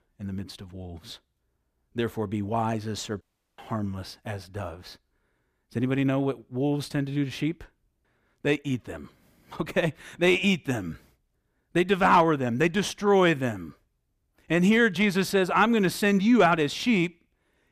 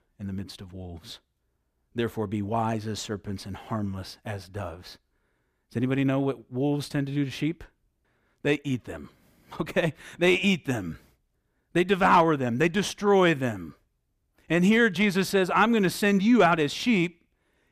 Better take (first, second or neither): second